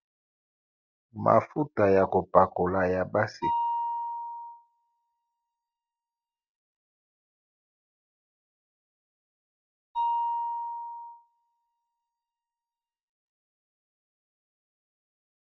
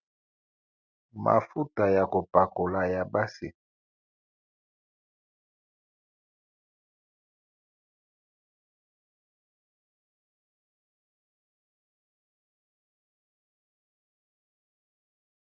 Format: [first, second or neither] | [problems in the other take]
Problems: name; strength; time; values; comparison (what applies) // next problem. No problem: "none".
second | noise reduction (classical method log-MMSE)